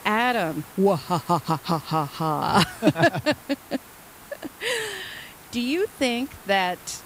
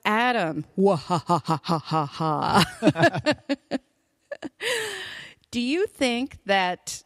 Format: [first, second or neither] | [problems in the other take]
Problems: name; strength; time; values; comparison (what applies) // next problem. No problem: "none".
second | hiss; noticeable; throughout; 20 dB below the speech